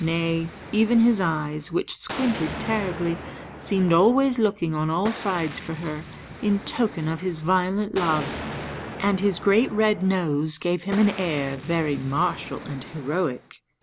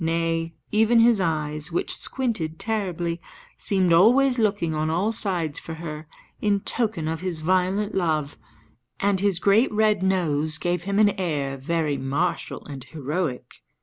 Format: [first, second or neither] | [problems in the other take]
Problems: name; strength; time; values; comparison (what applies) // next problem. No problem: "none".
second | background sound (Explosion); 13 dB below the speech